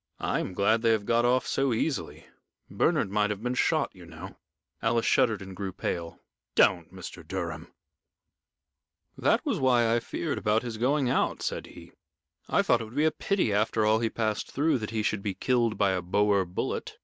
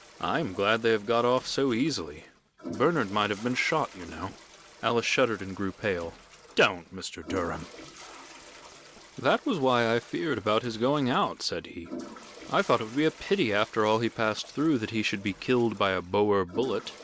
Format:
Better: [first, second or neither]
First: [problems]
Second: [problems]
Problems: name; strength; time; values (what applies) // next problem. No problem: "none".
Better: first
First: none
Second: background sound (Toilet flush); 19 dB below the speech